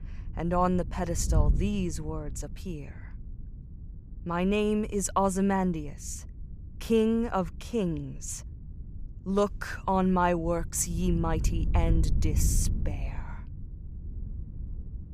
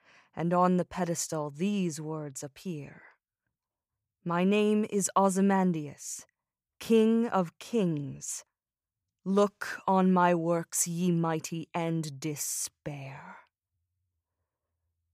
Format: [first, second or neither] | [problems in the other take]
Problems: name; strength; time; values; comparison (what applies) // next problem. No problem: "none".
second | wind noise on the microphone; occasional gusts; 20 dB below the speech